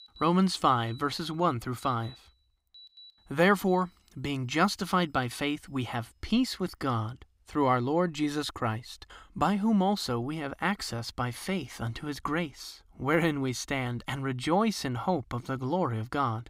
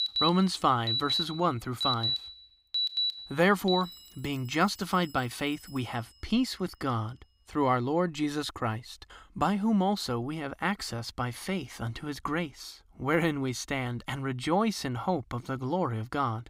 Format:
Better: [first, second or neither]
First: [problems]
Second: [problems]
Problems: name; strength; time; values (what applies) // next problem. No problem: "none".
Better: first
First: alarms or sirens; faint; until 7.5 s; 25 dB below the speech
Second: alarms or sirens; loud; until 7.5 s; as loud as the speech